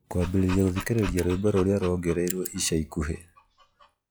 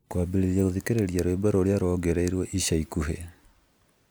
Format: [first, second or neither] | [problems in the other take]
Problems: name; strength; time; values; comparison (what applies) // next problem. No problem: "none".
second | noise reduction (classical method log-MMSE)